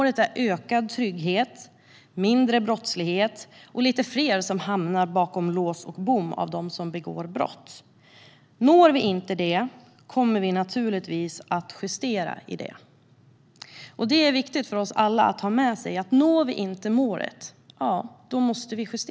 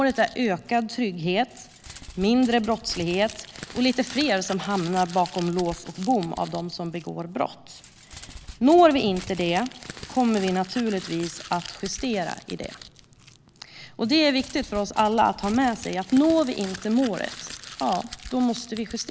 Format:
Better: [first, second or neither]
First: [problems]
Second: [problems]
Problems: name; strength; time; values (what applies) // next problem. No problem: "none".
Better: first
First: none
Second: background sound (Crumpling, crinkling); 17 dB below the speech